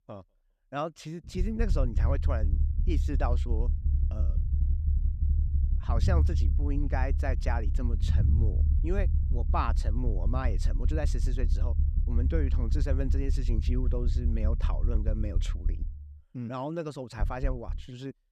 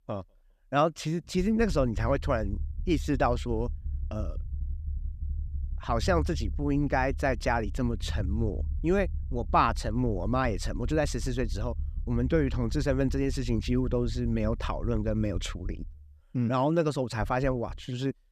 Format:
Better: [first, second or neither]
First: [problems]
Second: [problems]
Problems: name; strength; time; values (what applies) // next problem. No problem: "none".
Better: second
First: low rumble; loud; throughout; 9 dB below the speech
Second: low rumble; faint; throughout; 25 dB below the speech